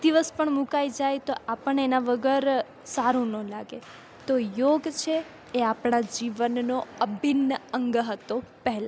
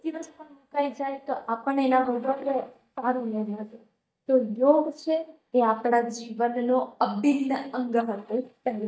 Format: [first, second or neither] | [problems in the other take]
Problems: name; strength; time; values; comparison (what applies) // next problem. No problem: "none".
first | noise reduction (neural mask model DeepFilterNet 3)